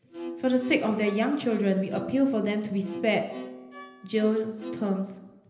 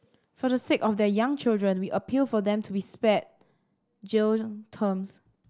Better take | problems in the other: second | background sound (Bowed string instrument); 14 dB below the speech // room echo; dies away in 0.8 s

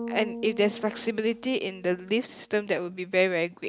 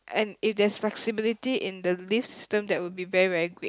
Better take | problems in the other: second | background sound (Bass guitar); 13 dB below the speech

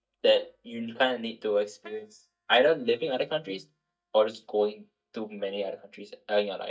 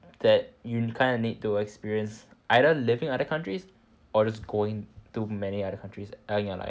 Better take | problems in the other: second | noise reduction (neural mask model DeepFilterNet 3)

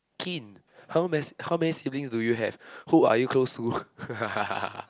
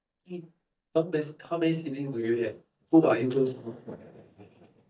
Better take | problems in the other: first | noise reduction (neural mask model DeepFilterNet 3)

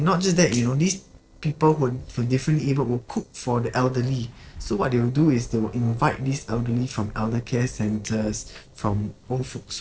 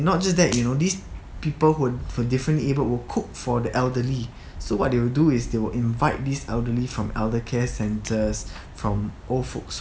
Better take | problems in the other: second | noise reduction (neural separator model SepFormer DNS4)

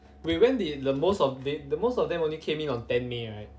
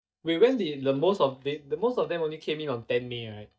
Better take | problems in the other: first | noise reduction (neural mask model DeepFilterNet 3)

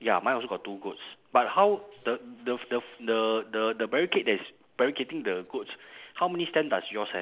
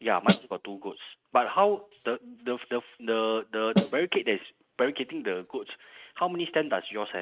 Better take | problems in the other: first | noise reduction (neural mask model RNNoise)

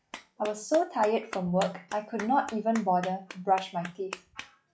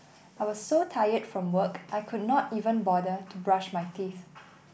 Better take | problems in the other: second | noise reduction (classical method log-MMSE)

